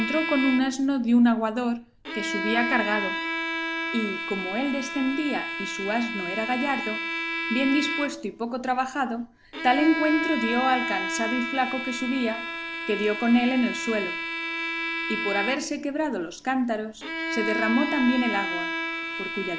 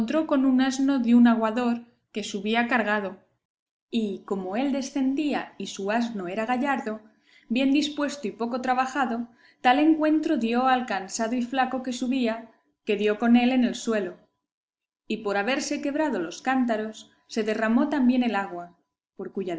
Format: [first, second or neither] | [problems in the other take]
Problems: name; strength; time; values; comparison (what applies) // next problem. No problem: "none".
second | background sound (Bowed string instrument); 4 dB below the speech